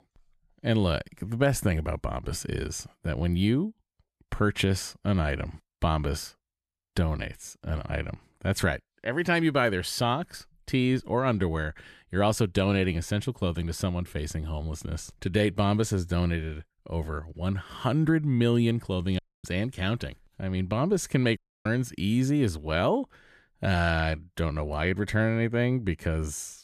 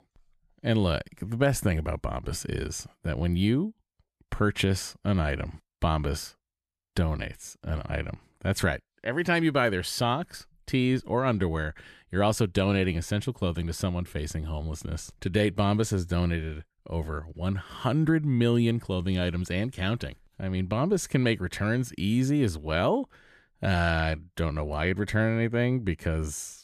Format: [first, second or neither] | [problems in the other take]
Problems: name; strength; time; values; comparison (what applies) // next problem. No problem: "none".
second | audio cutting out; at 19 s and at 21 s